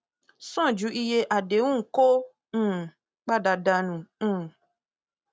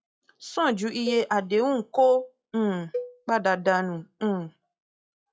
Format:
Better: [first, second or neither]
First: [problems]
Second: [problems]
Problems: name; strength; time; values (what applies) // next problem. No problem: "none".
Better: first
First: none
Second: noise reduction (classical method log-MMSE)